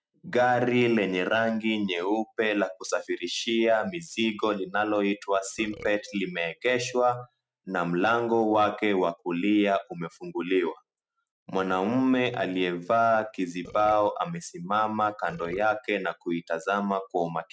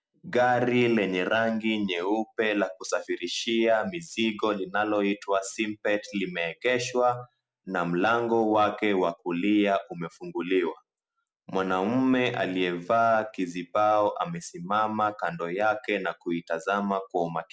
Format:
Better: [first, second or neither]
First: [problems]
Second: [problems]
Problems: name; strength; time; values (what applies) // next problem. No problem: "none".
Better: second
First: noise reduction (neural mask model RNNoise)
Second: none